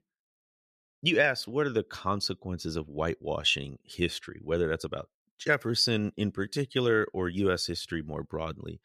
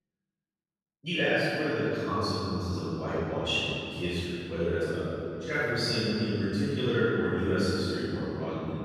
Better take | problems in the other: first | off-mic speech; far // room echo; strong; dies away in 3 s

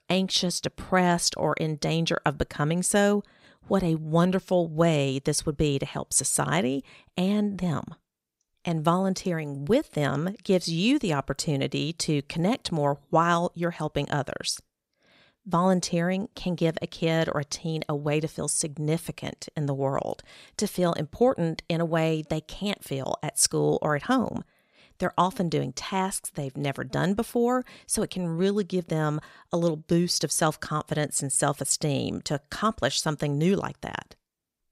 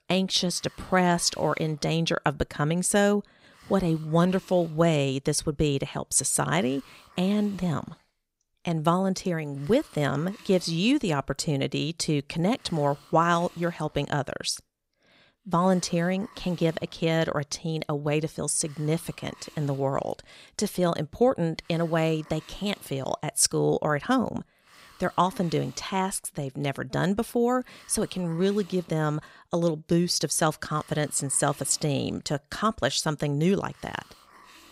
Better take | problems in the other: first | hiss; faint; throughout; 25 dB below the speech

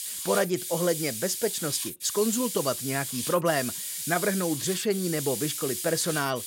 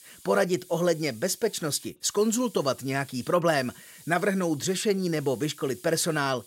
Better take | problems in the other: second | hiss; loud; throughout; 4 dB below the speech; faint in the second

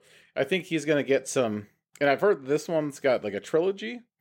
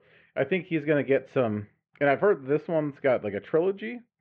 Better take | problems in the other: first | muffled; very; fading above 2.5 kHz

